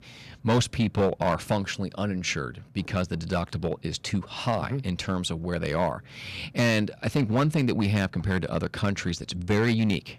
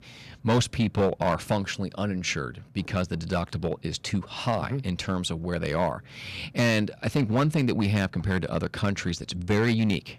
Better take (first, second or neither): neither